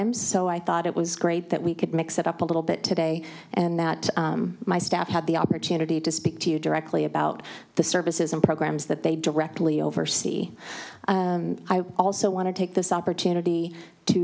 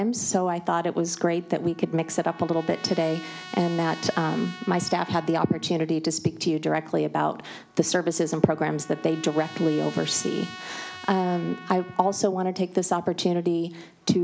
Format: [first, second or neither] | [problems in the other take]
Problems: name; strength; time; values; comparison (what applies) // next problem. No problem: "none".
first | background sound (Trumpet); 19 dB below the speech